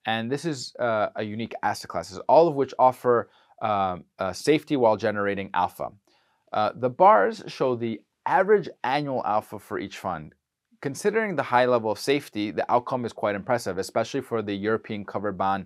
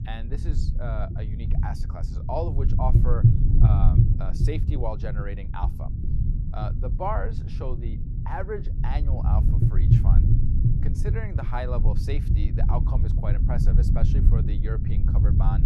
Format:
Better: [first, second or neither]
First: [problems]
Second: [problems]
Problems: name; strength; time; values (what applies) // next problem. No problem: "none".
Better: first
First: none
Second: low rumble; loud; throughout; 3 dB below the speech